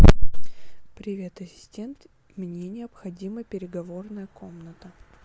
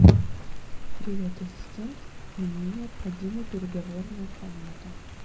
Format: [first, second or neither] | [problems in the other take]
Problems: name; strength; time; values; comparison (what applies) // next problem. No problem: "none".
first | background sound (Rain); 12 dB below the speech // room echo; dies away in 0.4 s